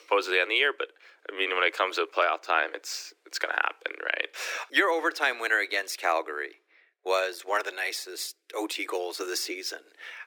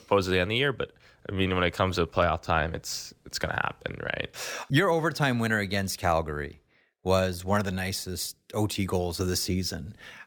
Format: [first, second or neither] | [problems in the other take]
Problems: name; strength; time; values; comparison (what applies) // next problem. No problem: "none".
second | thin; very; fading below 300 Hz